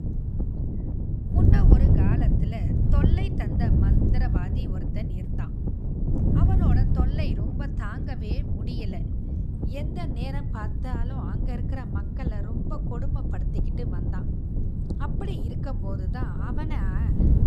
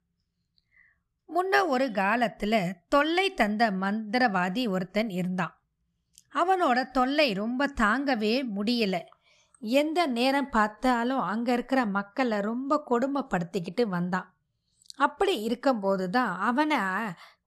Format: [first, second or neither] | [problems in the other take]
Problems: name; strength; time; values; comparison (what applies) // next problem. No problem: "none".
second | wind noise on the microphone; heavy; 3 dB above the speech